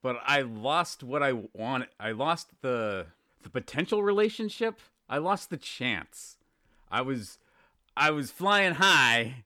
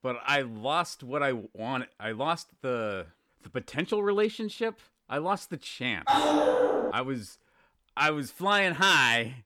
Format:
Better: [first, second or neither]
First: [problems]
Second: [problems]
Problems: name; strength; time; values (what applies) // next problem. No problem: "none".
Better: first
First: none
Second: dog barking; loud; at 6 s; peak 5 dB above the speech